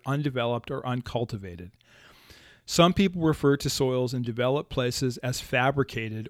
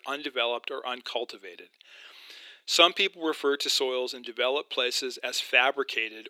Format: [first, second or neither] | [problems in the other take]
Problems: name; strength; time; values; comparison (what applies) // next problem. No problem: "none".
first | thin; very; fading below 350 Hz